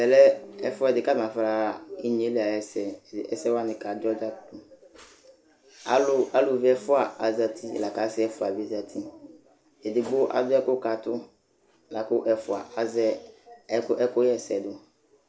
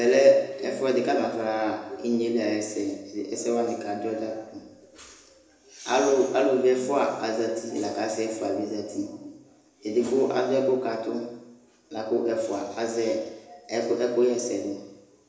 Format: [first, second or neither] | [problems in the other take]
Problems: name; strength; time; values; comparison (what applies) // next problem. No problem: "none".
first | room echo; dies away in 0.9 s